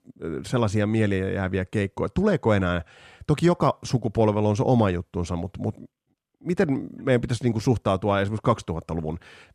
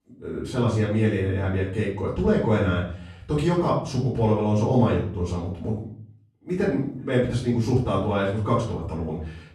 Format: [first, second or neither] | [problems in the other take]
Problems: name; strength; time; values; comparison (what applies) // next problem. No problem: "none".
first | off-mic speech; far // room echo; noticeable; dies away in 0.5 s